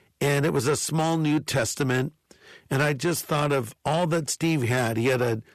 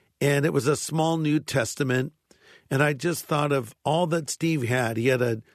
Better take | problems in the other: second | distortion; slight; 10 dB below the speech

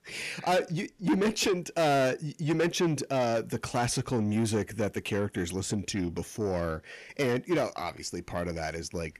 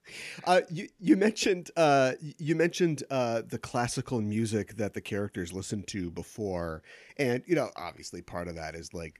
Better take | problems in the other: second | distortion; heavy; 8 dB below the speech

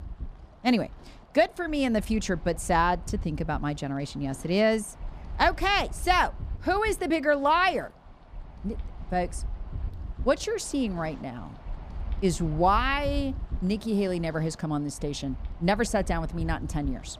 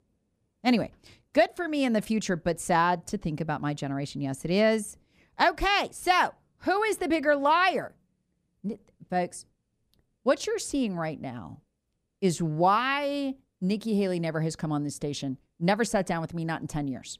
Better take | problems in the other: second | wind noise on the microphone; occasional gusts; 25 dB below the speech

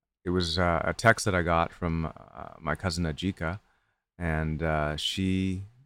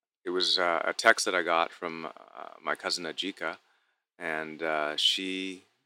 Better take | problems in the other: first | thin; somewhat; fading below 300 Hz

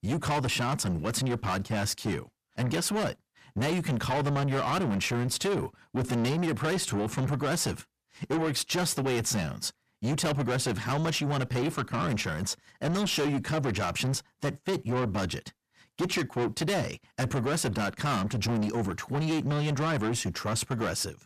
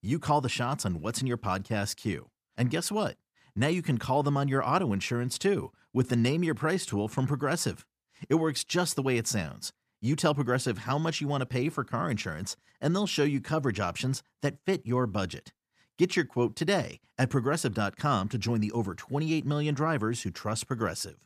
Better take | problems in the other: second | distortion; heavy; 6 dB below the speech

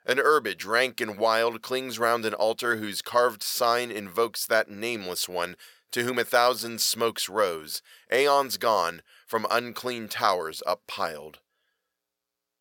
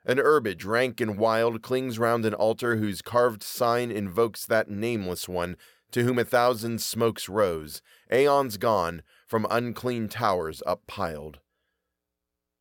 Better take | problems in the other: second | thin; somewhat; fading below 800 Hz

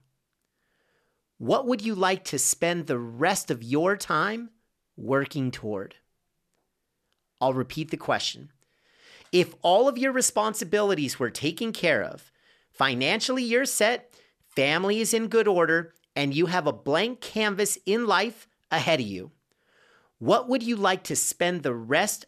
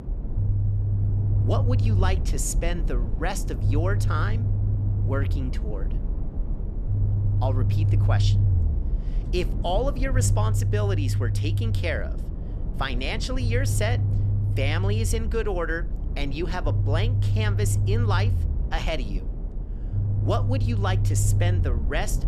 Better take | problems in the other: first | low rumble; loud; throughout; 9 dB below the speech

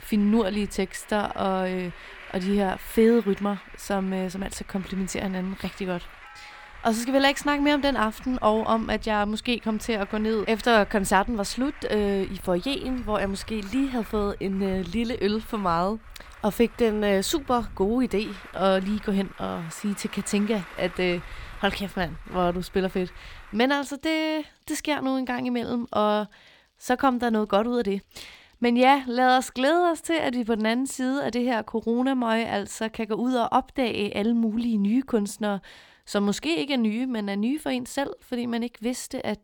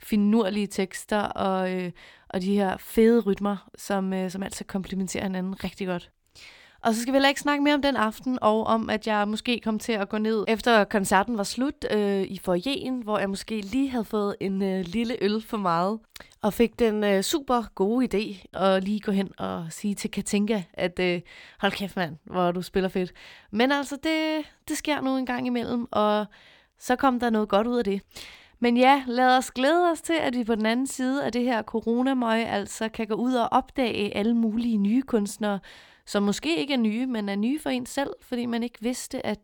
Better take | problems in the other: second | traffic noise; noticeable; throughout; 20 dB below the speech

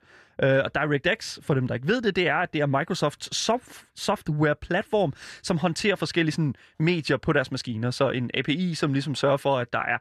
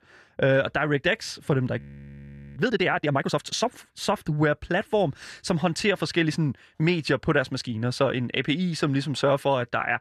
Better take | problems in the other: first | audio freezing; at 2 s for 1 s

